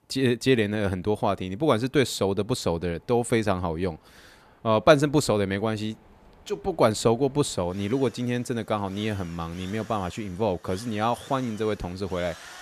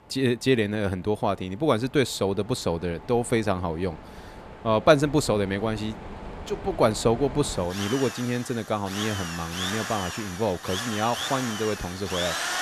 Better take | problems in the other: first | machinery noise; loud; throughout; 8 dB below the speech; faint in the first

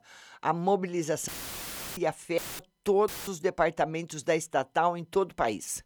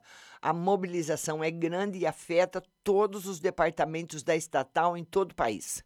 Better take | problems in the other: second | audio cutting out; filled with static; at 1.5 s for 0.5 s, at 2.5 s and at 3 s

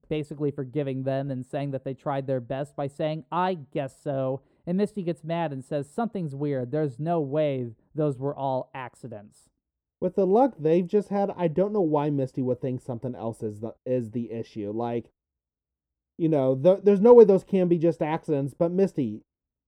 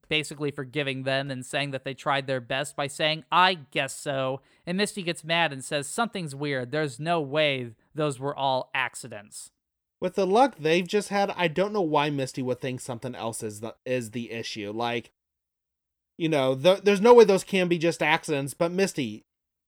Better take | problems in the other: second | muffled; very; fading above 1 kHz

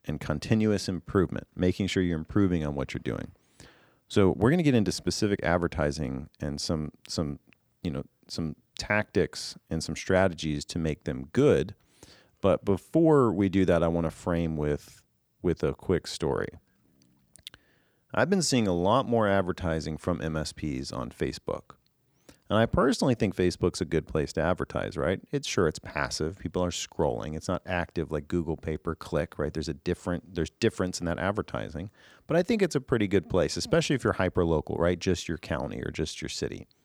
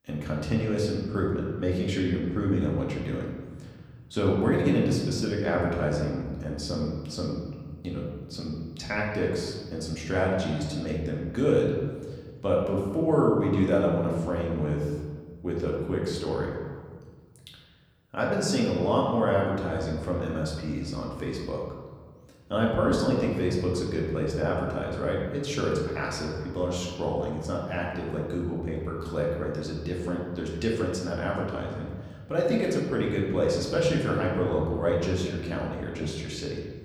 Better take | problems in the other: first | room echo; noticeable; dies away in 1.6 s // off-mic speech; far

